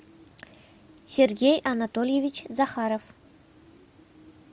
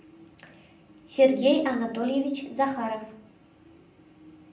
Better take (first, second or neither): first